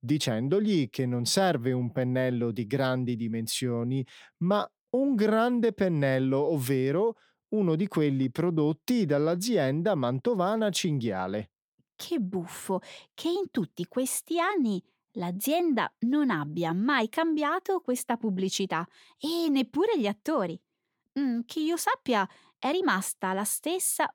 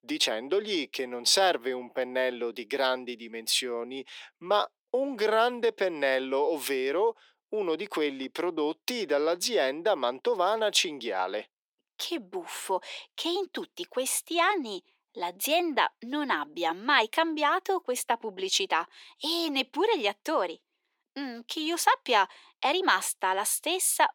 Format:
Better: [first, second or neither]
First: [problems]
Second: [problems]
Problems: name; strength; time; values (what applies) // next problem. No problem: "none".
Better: first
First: none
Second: thin; somewhat; fading below 350 Hz